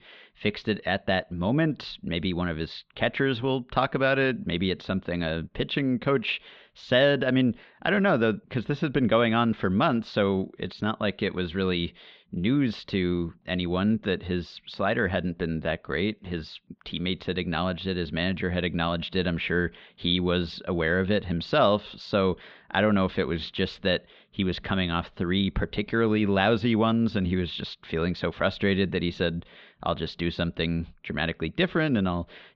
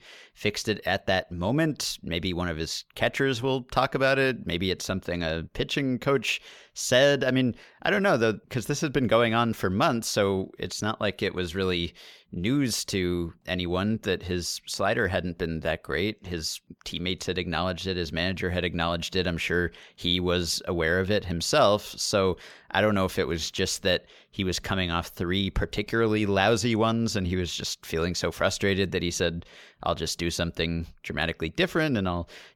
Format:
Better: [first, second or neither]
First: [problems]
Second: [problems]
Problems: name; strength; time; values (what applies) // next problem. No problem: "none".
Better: second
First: muffled; slightly; fading above 4 kHz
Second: none